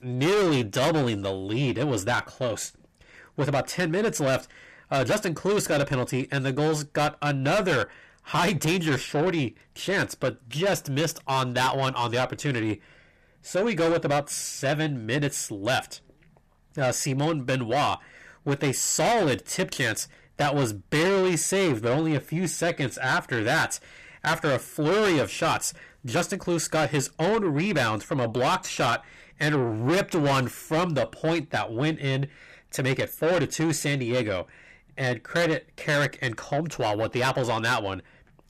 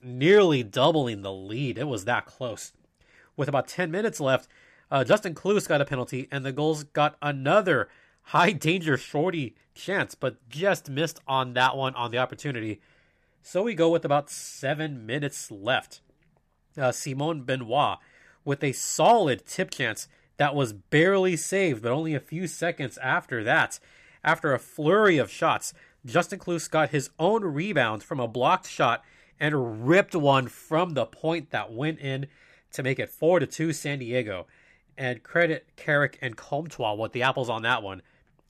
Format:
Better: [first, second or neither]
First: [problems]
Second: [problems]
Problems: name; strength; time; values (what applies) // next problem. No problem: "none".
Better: second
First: distortion; heavy; 6 dB below the speech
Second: none